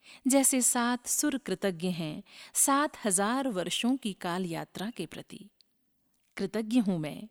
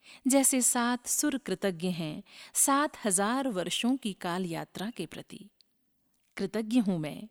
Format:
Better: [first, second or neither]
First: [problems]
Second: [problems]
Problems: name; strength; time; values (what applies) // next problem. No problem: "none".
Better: neither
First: none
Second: none